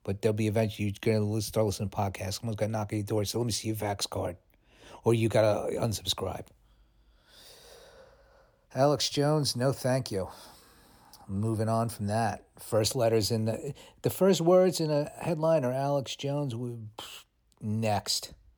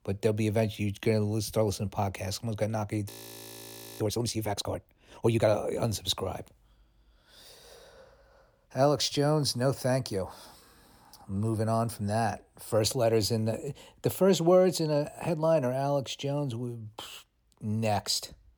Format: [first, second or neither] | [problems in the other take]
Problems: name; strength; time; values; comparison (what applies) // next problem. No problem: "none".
first | audio freezing; at 3 s for 1 s